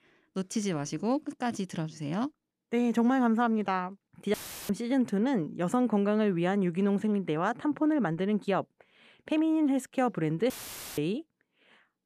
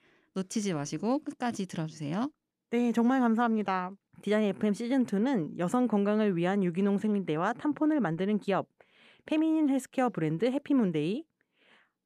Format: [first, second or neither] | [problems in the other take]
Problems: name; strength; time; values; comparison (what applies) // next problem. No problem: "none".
second | audio cutting out; filled with static; at 4.5 s and at 11 s